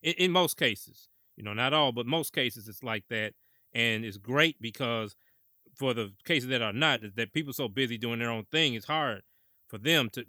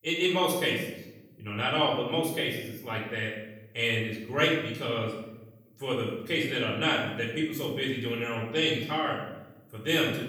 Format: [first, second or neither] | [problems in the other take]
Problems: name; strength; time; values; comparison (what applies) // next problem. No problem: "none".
first | room echo; noticeable; dies away in 0.8 s // off-mic speech; far